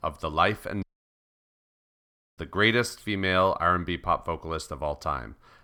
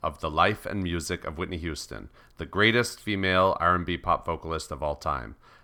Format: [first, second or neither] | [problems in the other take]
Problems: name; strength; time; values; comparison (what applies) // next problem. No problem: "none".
second | audio cutting out; at 1 s for 1.5 s